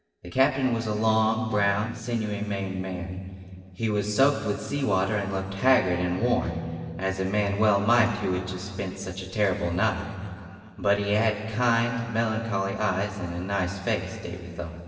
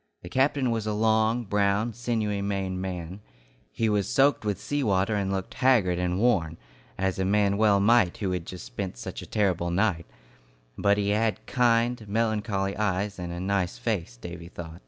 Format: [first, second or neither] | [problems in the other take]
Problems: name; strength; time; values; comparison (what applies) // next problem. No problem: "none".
second | noise reduction (neural separator model SepFormer DNS4)